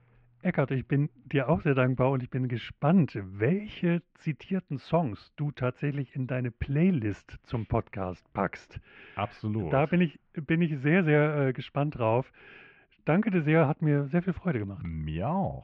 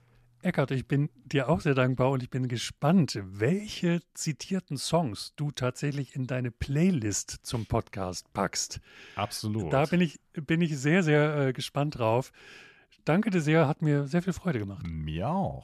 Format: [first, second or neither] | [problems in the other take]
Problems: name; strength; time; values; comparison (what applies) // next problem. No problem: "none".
second | muffled; very; fading above 2.5 kHz